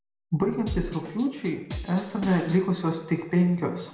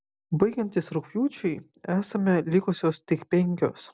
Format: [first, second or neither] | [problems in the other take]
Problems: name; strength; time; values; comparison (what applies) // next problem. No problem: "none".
second | background sound (Drum kit); 11 dB below the speech // room echo; dies away in 1 s